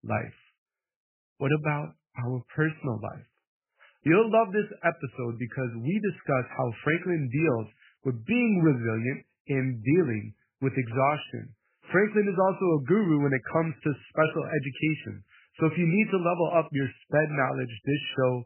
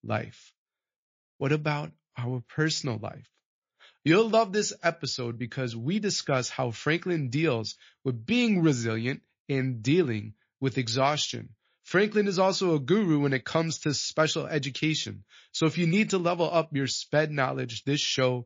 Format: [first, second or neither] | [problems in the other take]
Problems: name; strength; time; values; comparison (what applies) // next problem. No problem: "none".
second | garbled, watery; badly; nothing above 3 kHz; slightly in the second